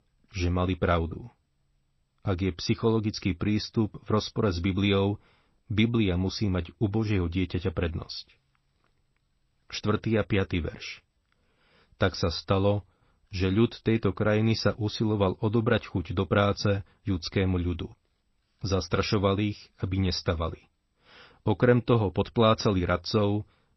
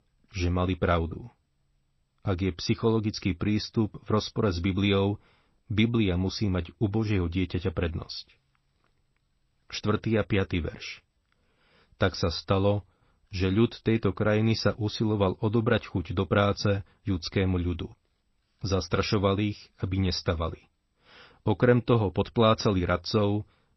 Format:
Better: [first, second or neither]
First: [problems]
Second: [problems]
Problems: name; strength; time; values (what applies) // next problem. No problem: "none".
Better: neither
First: garbled, watery; slightly; nothing above 5.5 kHz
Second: garbled, watery; slightly; nothing above 5.5 kHz